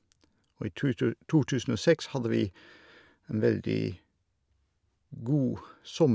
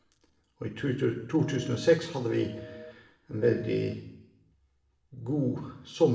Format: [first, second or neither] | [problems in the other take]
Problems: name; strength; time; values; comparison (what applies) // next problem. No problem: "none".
first | background sound (Telephone); 18 dB below the speech // room echo; dies away in 0.8 s